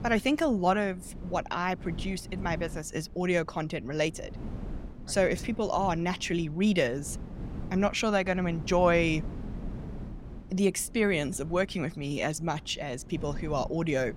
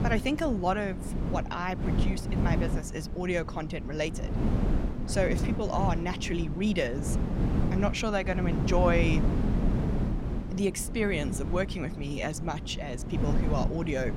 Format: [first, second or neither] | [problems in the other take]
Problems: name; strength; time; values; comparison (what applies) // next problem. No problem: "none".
first | wind noise on the microphone; heavy; 7 dB below the speech; occasional gusts in the first